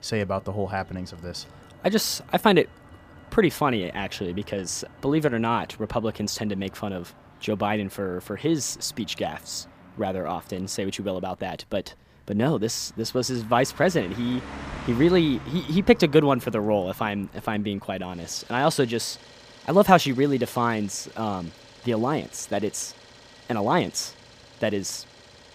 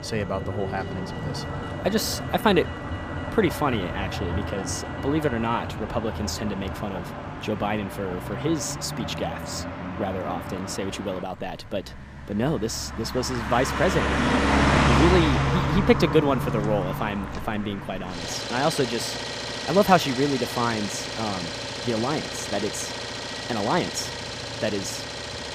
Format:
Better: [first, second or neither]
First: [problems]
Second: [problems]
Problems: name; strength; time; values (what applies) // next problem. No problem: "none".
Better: first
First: traffic noise; faint; throughout; 20 dB below the speech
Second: traffic noise; loud; throughout; 2 dB below the speech